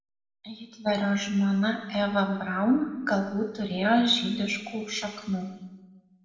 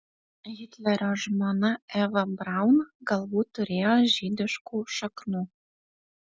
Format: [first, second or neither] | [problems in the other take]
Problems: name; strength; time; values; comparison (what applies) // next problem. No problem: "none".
second | room echo; dies away in 1.2 s